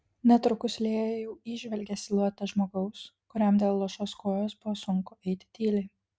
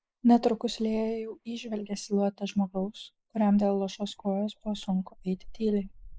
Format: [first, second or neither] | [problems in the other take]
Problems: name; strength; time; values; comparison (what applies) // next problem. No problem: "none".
first | noise reduction (neural mask model Resemble Enhance denoiser)